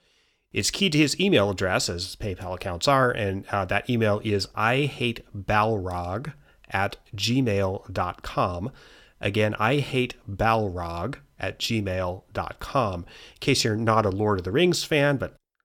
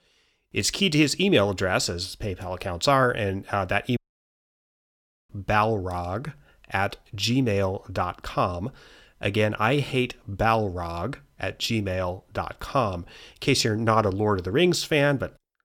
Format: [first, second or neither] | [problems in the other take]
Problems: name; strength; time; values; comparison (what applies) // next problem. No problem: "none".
first | audio cutting out; at 4 s for 1.5 s